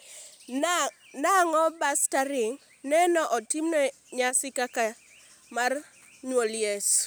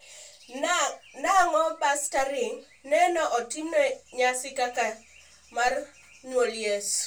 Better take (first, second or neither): first